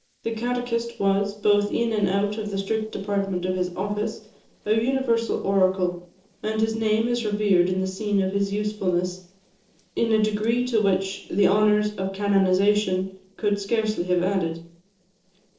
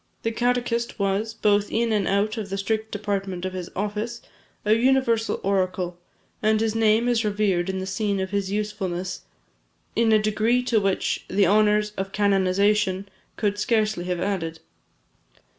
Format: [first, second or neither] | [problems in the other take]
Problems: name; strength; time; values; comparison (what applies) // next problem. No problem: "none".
second | noise reduction (neural separator model SepFormer DNS4)